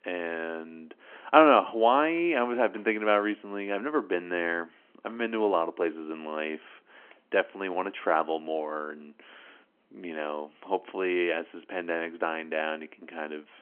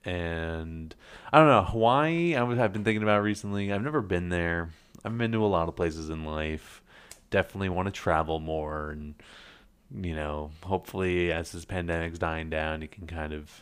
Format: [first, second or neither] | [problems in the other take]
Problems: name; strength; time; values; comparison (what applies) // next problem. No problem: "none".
second | phone-call audio